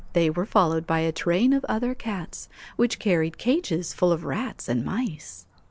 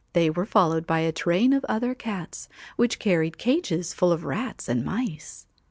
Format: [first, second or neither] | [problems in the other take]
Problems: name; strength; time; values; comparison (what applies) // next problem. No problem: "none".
second | background sound (Cricket / Motor vehicle (road)); 19 dB below the speech